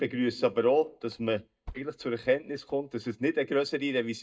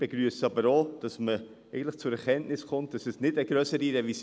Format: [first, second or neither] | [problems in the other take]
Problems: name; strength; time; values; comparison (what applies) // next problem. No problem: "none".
second | noise reduction (neural mask model DeepFilterNet 3)